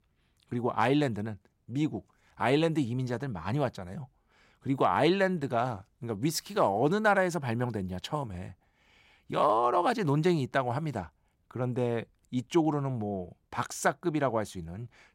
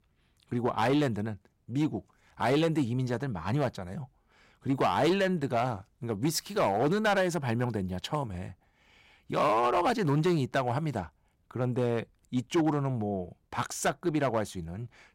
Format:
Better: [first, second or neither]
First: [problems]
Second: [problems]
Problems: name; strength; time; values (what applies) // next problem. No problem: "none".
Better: first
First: none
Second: distortion; slight; 5% of the sound clipped